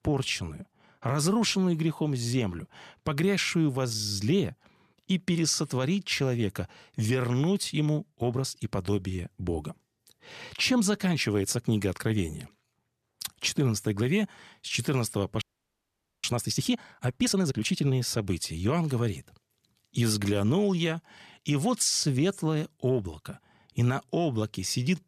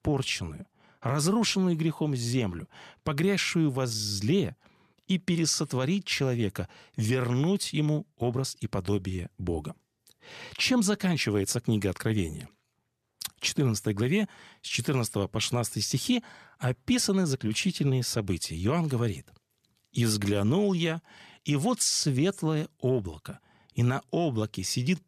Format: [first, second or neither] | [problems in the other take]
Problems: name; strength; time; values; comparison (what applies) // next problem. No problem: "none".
second | audio freezing; at 15 s for 1 s